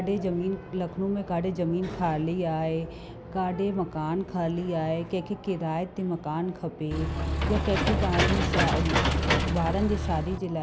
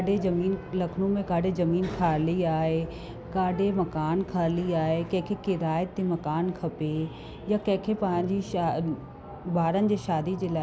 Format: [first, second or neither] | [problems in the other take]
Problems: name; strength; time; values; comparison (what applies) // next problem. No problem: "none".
second | background sound (Engine / Mechanisms); 3 dB above the speech